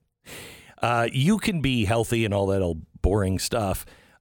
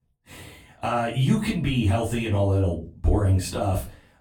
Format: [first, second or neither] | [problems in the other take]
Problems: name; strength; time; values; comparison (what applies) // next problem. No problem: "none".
first | off-mic speech; far // room echo; slight; dies away in 0.3 s